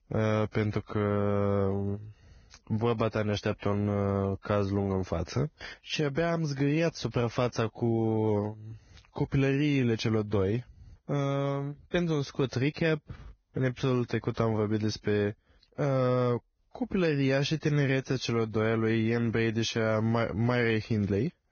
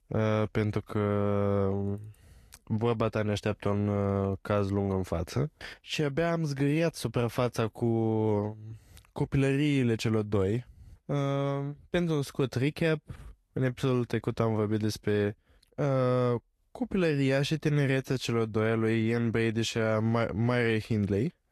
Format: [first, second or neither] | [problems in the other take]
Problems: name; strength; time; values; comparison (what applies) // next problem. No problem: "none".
second | garbled, watery; badly; nothing above 6.5 kHz; slightly in the second